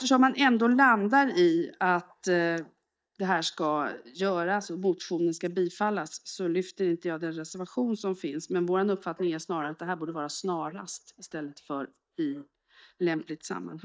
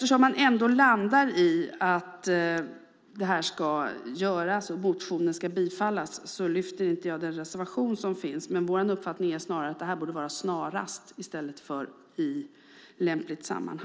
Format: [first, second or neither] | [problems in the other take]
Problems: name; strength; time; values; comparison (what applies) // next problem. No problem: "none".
second | noise reduction (neural mask model DeepFilterNet 3)